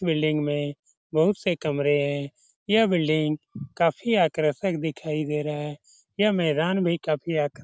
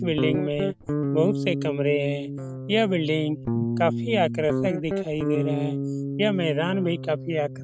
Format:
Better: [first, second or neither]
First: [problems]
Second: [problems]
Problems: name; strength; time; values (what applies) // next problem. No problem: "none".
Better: first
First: none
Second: background sound (Guitar); 3 dB below the speech